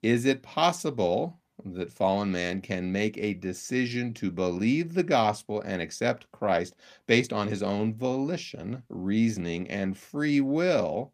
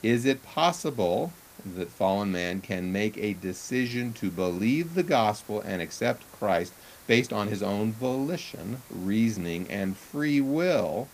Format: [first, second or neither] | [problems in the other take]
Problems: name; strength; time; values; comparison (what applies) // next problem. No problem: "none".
first | hiss; faint; throughout; 20 dB below the speech